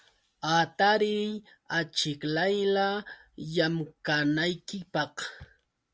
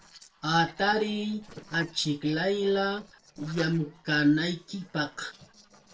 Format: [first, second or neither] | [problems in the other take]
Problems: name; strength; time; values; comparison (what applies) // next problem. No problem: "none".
first | noise reduction (neural separator model SepFormer DNS4)